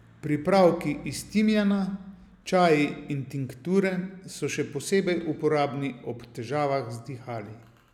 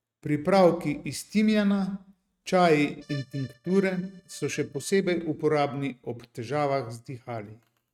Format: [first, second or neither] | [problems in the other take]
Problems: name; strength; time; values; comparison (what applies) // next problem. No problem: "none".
first | noise reduction (neural mask model RNNoise)